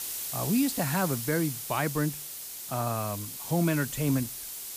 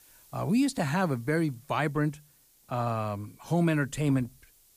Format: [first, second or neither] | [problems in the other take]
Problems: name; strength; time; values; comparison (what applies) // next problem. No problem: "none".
second | hiss; loud; throughout; 5 dB below the speech; faint in the second